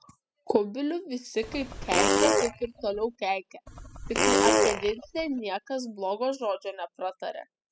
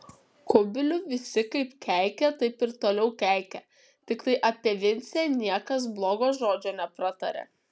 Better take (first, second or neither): second